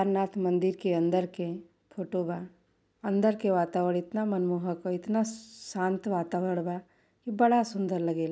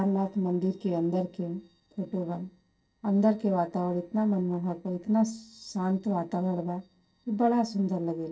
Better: first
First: none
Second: noise reduction (neural separator model SepFormer DNS4)

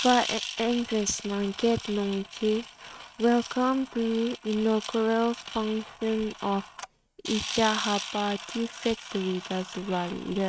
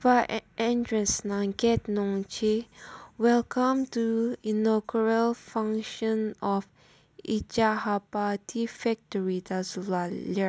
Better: second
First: noise reduction (neural mask model RNNoise)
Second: none

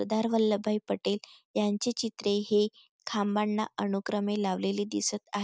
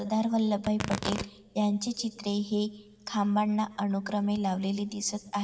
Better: first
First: none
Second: background sound (Tearing); 14 dB below the speech // room echo; dies away in 2.4 s

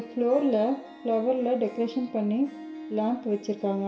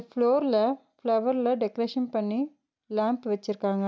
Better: second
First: background sound (Harp); 17 dB below the speech // room echo; dies away in 0.7 s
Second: none

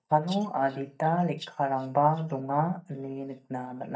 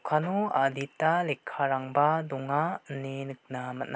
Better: second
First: noise reduction (neural mask model DeepFilterNet 3)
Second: none

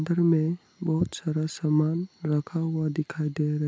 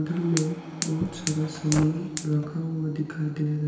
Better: first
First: none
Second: background sound (Fire); 10 dB below the speech // room echo; dies away in 1.5 s

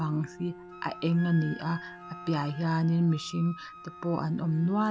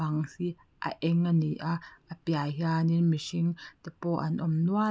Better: second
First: background sound (Bowed string instrument + Wind instrument, woodwind instrument); 17 dB below the speech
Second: none

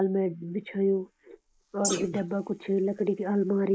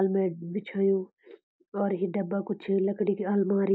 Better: second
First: noise reduction (neural mask model Resemble Enhance denoiser)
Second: none

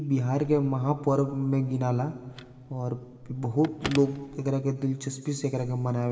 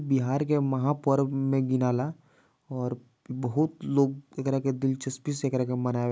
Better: second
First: background sound (Telephone); 18 dB below the speech // room echo; dies away in 1.6 s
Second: none

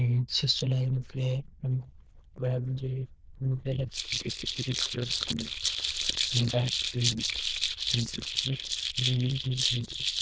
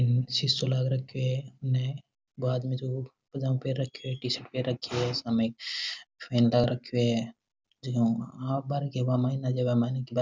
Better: second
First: noise reduction (neural diffusion model UNIVERSE++)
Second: none

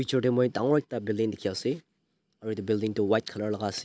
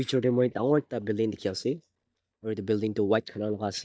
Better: first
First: none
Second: noise reduction (neural mask model DeepFilterNet 3)

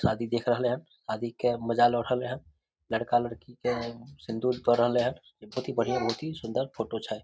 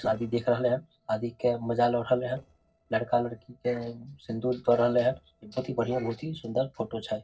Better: first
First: none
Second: noise reduction (neural separator model SepFormer DNS4)

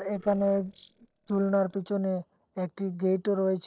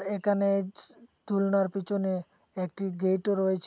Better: second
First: noise reduction (neural separator model SepFormer DNS4)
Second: none

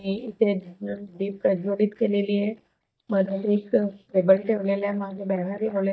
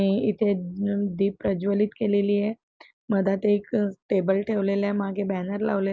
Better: second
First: noise reduction (neural mask model DeepFilterNet 3)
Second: none

